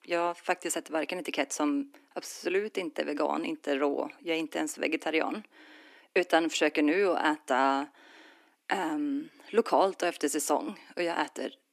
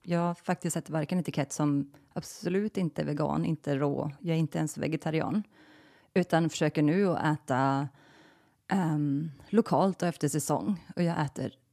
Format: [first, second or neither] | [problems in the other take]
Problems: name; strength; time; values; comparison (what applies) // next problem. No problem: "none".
second | thin; somewhat; fading below 300 Hz